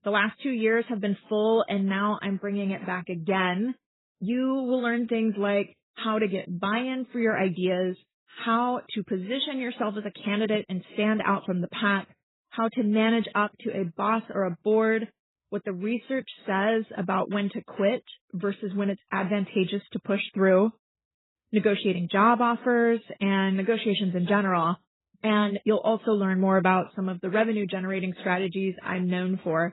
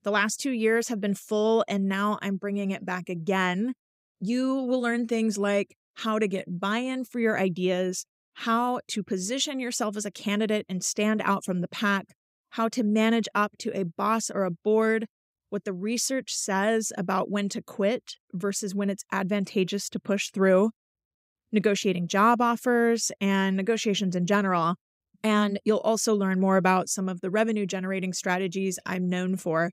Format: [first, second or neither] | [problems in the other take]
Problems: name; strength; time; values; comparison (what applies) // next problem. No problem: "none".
second | garbled, watery; badly; nothing above 4 kHz